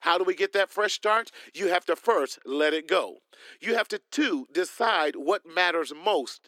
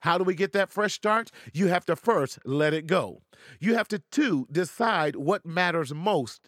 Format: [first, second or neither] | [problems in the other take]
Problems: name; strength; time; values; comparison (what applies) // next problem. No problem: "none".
second | thin; somewhat; fading below 300 Hz